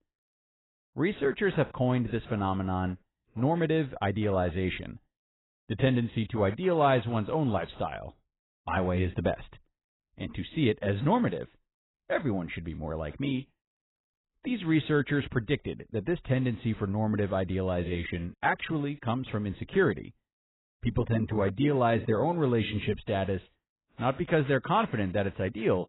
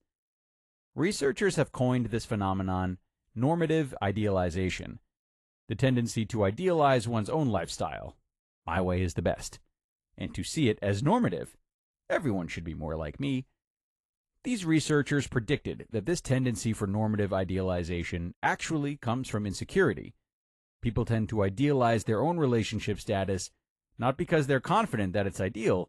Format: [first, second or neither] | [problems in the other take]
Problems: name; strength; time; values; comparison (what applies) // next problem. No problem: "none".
second | garbled, watery; badly; nothing above 4 kHz; slightly in the second